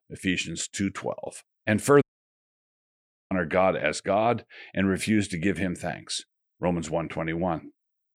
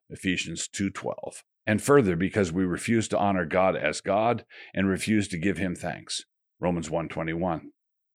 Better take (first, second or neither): second